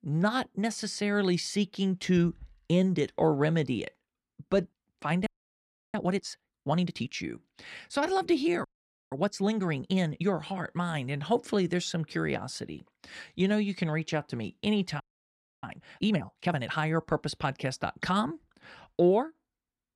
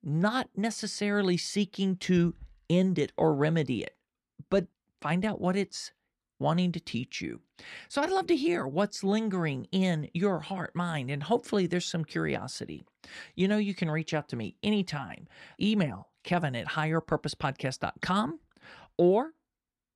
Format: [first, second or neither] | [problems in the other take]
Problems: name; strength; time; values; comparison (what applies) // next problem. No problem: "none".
second | audio freezing; at 5.5 s for 0.5 s, at 8.5 s and at 15 s for 0.5 s